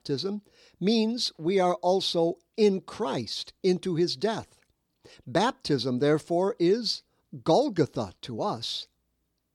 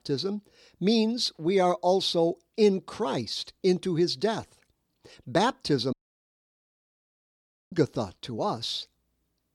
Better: first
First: none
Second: audio cutting out; at 6 s for 2 s

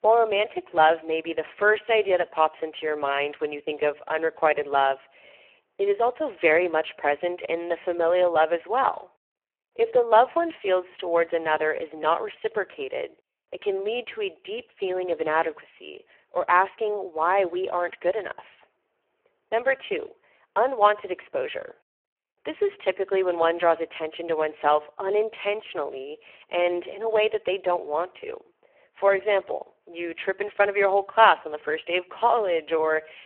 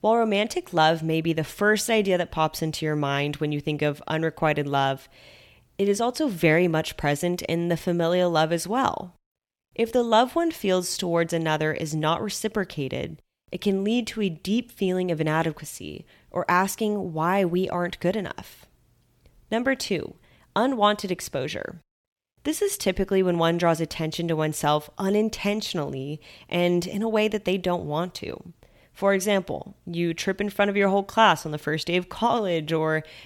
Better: second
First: phone-call audio; poor line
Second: none

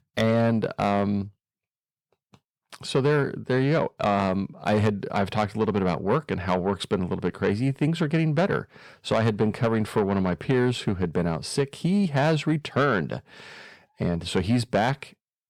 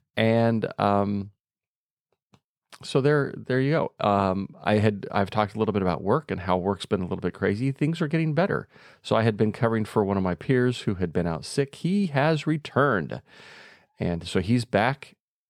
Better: second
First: distortion; slight; 10 dB below the speech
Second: none

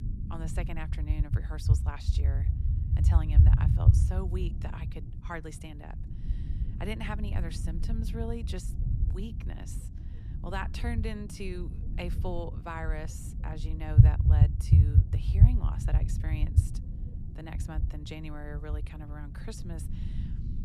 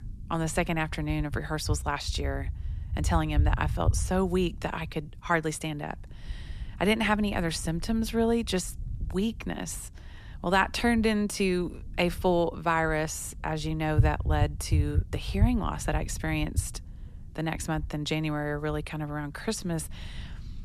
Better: second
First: low rumble; loud; throughout; 1 dB below the speech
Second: low rumble; faint; throughout; 20 dB below the speech

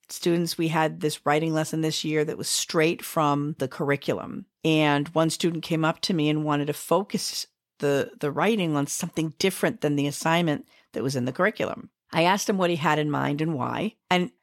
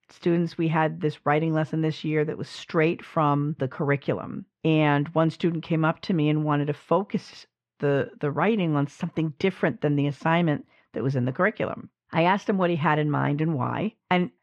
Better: first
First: none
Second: muffled; very; fading above 2 kHz

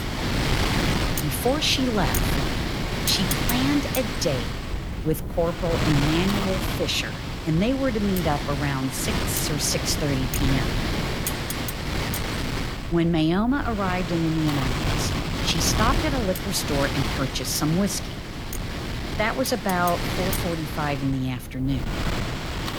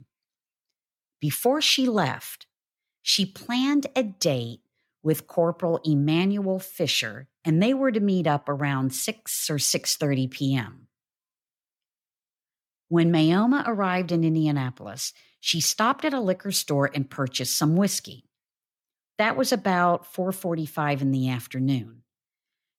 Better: second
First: wind noise on the microphone; heavy; 2 dB below the speech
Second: none

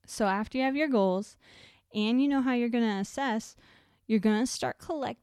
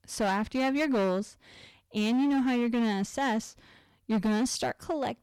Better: first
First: none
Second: distortion; slight; 13% of the sound clipped

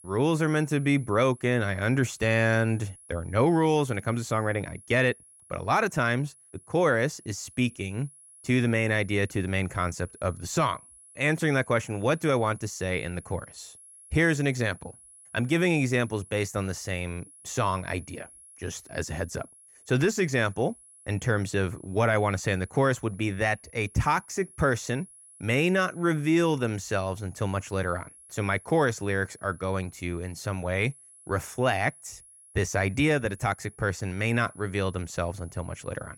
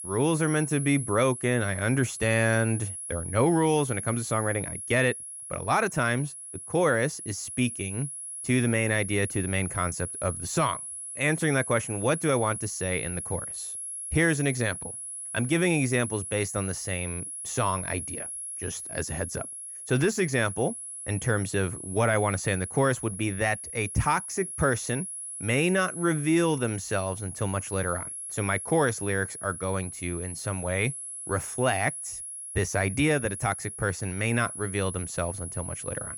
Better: first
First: high-pitched whine; faint; throughout; 10.5 kHz, 25 dB below the speech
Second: high-pitched whine; loud; throughout; 10.5 kHz, 7 dB below the speech

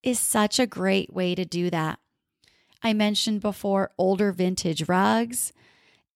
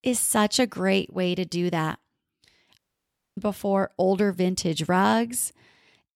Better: first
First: none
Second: audio cutting out; at 3 s for 0.5 s

